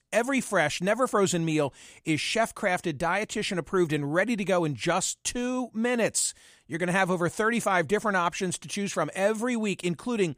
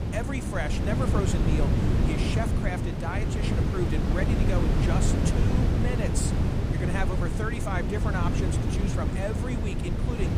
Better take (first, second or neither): first